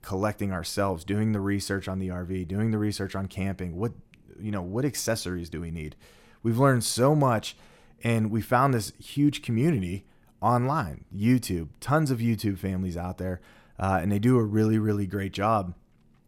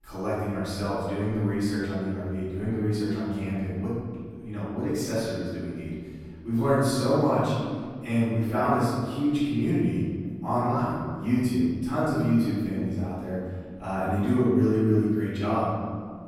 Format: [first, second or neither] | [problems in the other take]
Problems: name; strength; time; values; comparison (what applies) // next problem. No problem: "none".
first | room echo; strong; dies away in 1.9 s // off-mic speech; far